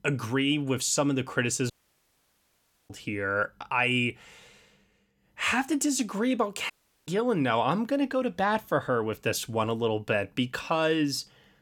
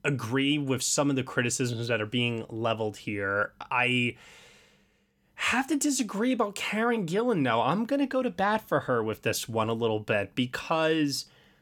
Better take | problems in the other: second | audio cutting out; at 1.5 s for 1 s and at 6.5 s

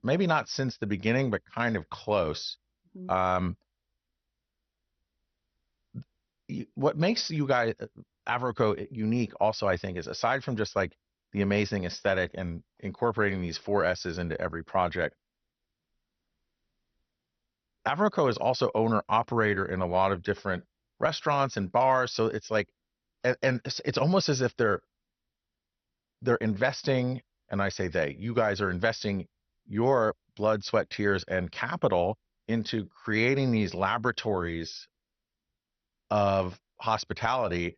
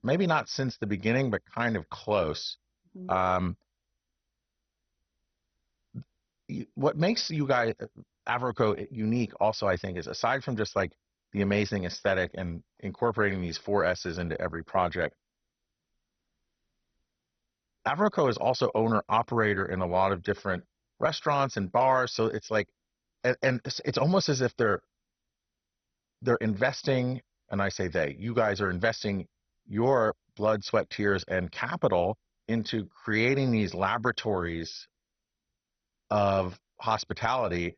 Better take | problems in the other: first | garbled, watery; badly; nothing above 6 kHz; slightly in the first

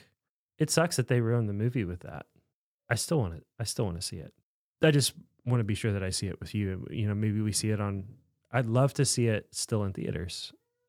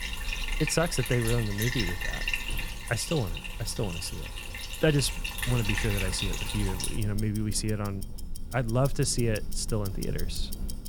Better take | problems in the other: first | household noises; loud; throughout; 4 dB below the speech

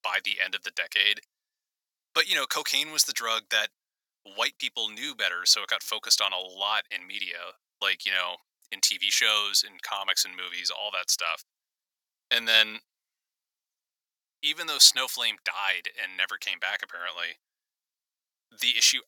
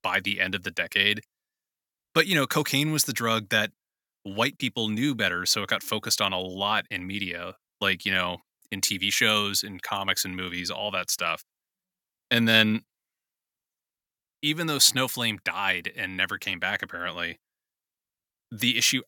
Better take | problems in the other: second | thin; very; fading below 700 Hz

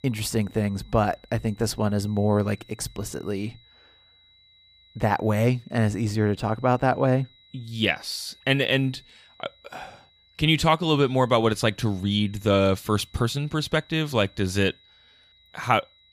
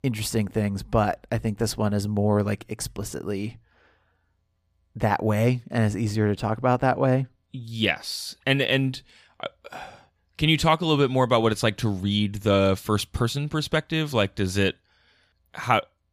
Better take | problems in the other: second | high-pitched whine; faint; throughout; 4 kHz, 30 dB below the speech

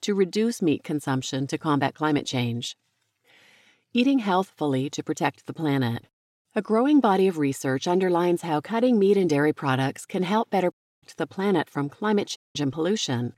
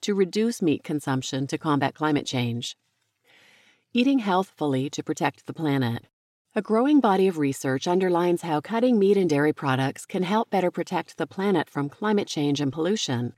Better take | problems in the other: second | audio cutting out; at 11 s and at 12 s

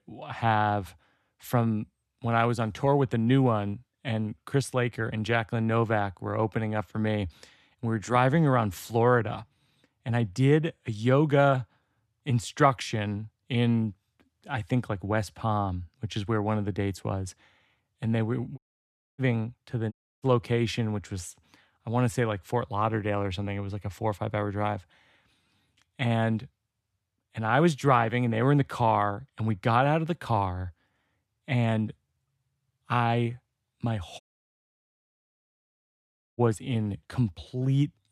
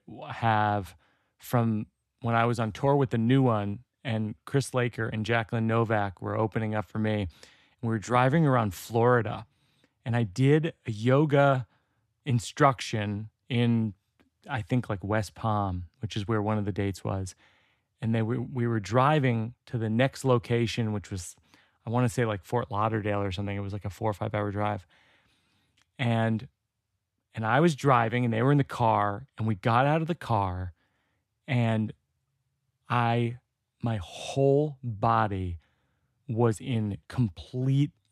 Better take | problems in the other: second | audio cutting out; at 19 s for 0.5 s, at 20 s and at 34 s for 2 s

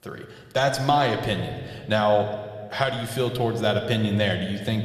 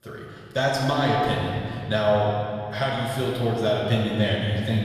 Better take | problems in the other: first | room echo; strong; dies away in 2.6 s; slight in the first // off-mic speech; far

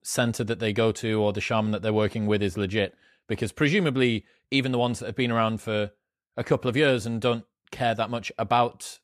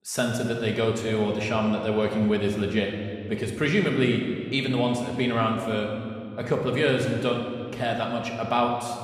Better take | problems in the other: first | room echo; noticeable; dies away in 1.9 s

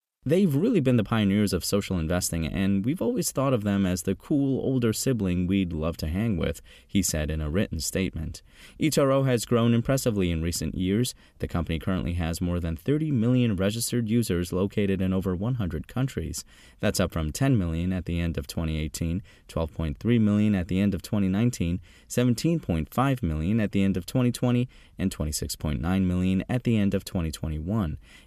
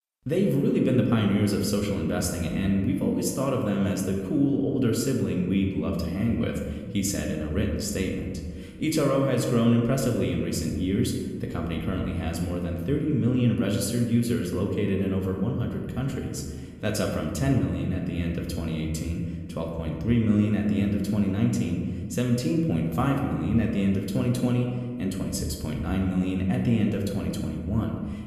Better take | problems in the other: first | room echo; noticeable; dies away in 1.5 s // off-mic speech; somewhat distant

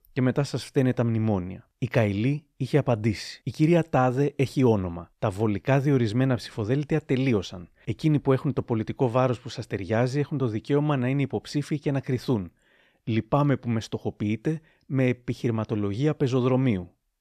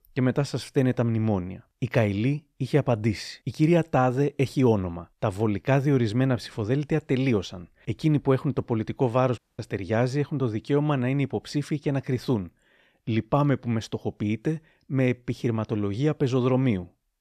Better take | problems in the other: first | audio cutting out; at 9.5 s

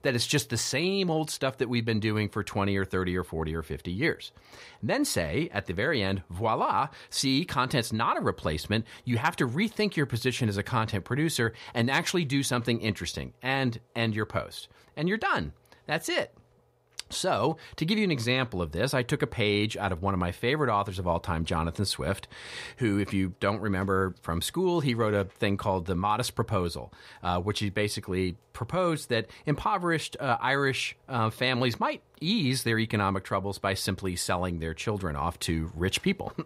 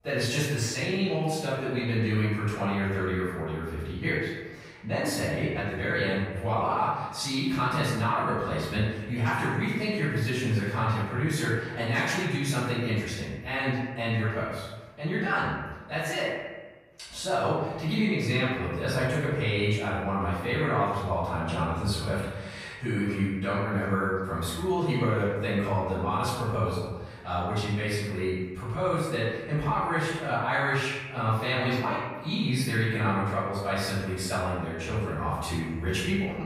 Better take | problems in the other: first | room echo; strong; dies away in 1.1 s // off-mic speech; far

